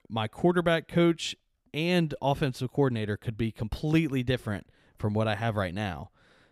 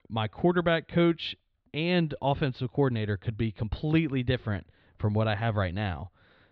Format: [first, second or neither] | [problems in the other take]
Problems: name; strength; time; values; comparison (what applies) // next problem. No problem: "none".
first | muffled; very slightly; fading above 4 kHz